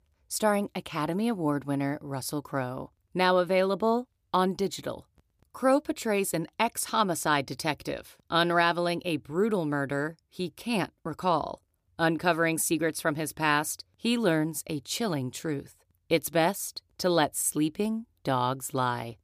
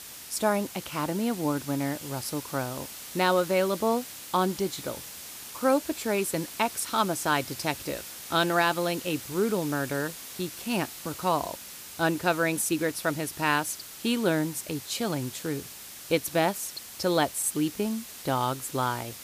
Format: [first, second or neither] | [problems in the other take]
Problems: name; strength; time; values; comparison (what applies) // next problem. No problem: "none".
first | hiss; noticeable; throughout; 10 dB below the speech